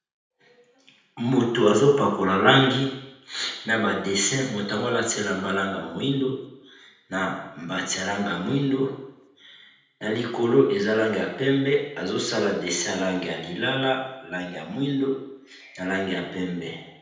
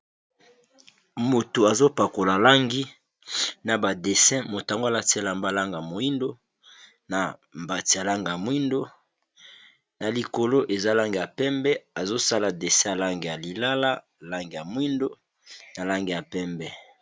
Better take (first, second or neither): second